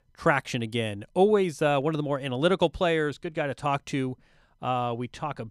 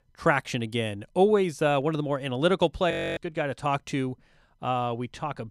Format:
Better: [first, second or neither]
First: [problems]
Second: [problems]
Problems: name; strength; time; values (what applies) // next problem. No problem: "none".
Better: first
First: none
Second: audio freezing; at 3 s